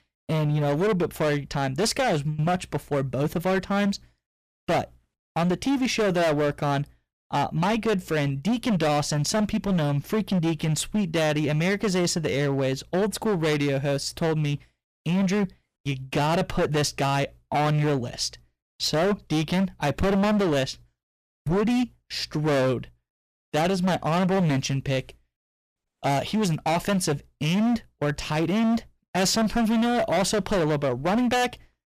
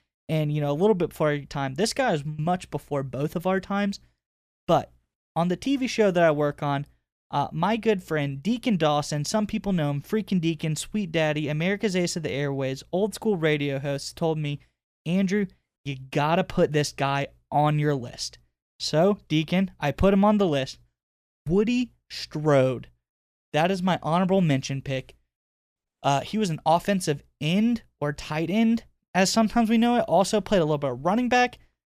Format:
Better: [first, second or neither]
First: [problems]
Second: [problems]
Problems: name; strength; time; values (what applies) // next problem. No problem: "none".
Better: second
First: distortion; heavy; 20% of the sound clipped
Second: none